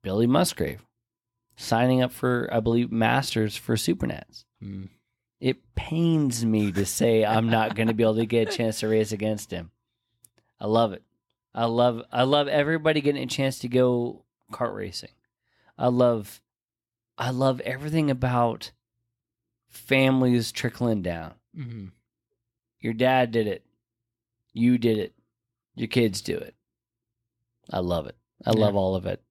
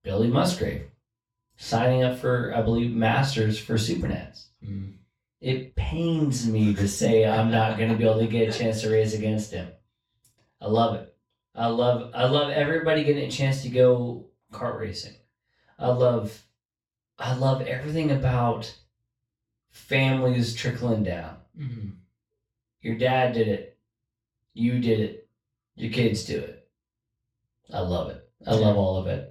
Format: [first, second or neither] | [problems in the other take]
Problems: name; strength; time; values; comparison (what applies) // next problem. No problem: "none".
first | room echo; noticeable; dies away in 0.3 s // off-mic speech; far